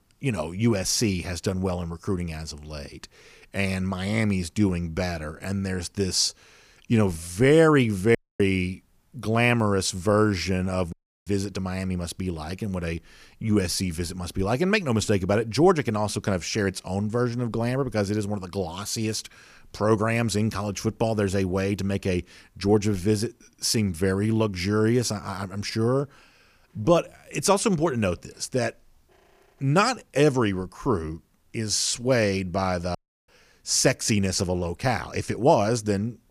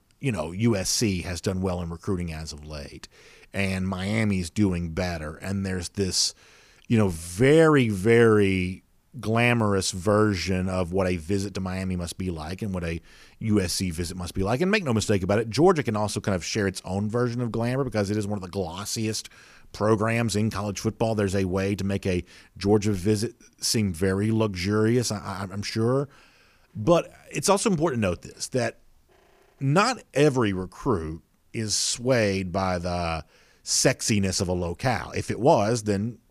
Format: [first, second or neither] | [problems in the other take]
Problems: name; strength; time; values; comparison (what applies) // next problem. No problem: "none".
second | audio cutting out; at 8 s, at 11 s and at 33 s